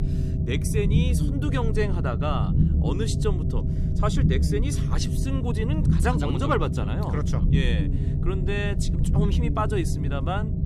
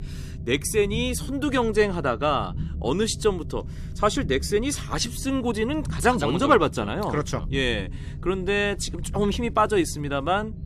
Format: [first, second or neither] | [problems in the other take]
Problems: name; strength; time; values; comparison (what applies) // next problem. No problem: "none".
second | low rumble; loud; throughout; 5 dB below the speech; faint in the second